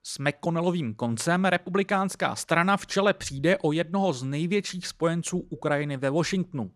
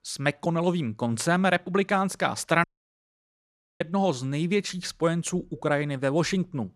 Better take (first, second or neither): first